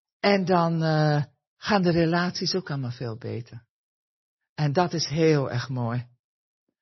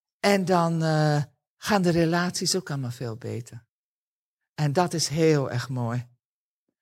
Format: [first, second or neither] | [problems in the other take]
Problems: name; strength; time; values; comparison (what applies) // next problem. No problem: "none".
second | garbled, watery; slightly; nothing above 6 kHz